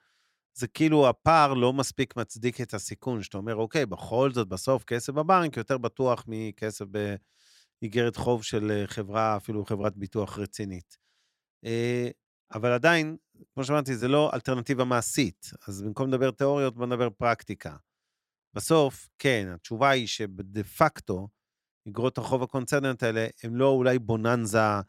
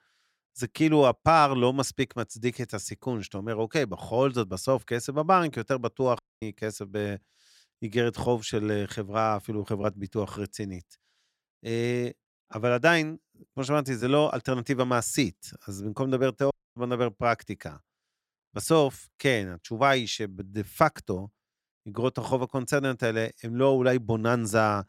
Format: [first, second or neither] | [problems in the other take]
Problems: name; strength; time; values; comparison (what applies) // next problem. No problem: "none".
first | audio cutting out; at 6 s and at 17 s